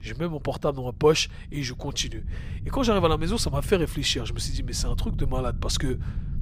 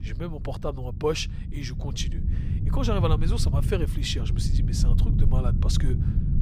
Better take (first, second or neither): first